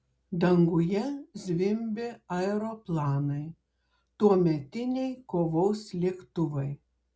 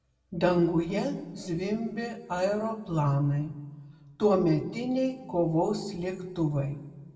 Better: first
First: none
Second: room echo; dies away in 1.1 s

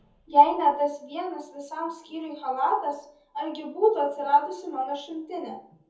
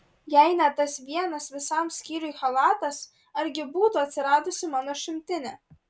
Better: second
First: room echo; dies away in 0.7 s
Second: none

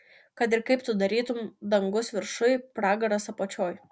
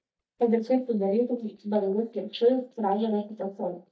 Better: first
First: none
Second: noise reduction (neural mask model DeepFilterNet 3)

